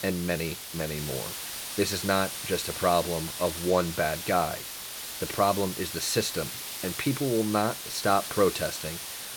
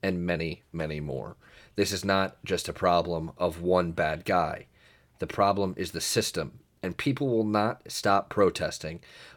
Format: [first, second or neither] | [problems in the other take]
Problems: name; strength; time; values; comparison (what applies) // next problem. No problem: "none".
second | hiss; loud; throughout; 6 dB below the speech